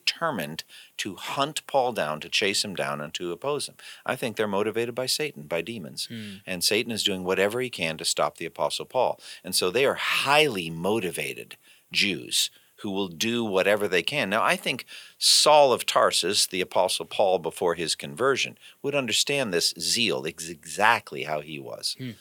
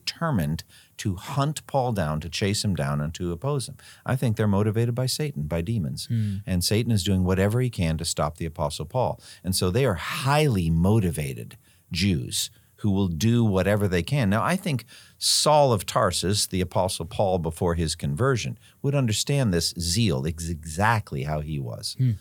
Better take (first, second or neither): second